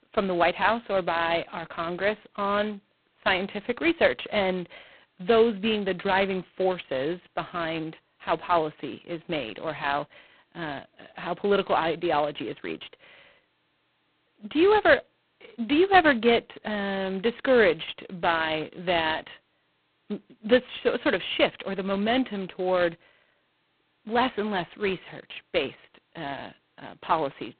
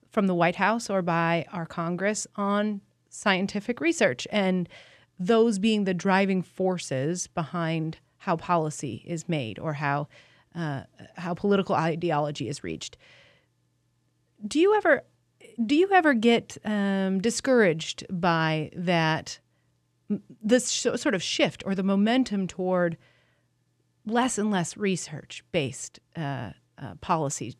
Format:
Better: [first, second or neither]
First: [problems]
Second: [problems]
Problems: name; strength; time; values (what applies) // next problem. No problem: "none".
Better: second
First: phone-call audio; poor line; nothing above 4 kHz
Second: none